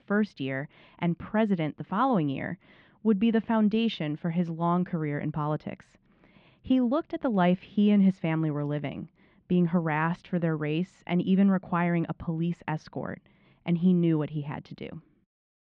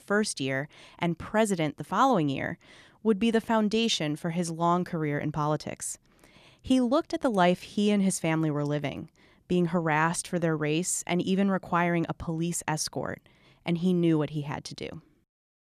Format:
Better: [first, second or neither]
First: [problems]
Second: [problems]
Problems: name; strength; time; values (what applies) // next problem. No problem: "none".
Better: second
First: muffled; very; fading above 3 kHz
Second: none